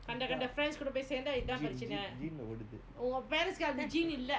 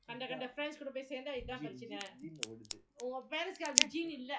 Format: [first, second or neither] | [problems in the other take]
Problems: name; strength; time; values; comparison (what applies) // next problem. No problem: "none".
first | noise reduction (classical method log-MMSE)